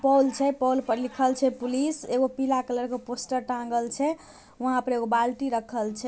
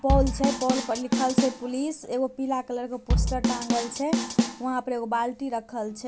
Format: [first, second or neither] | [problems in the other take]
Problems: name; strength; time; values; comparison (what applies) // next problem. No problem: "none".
first | background sound (Drum kit); 1 dB above the speech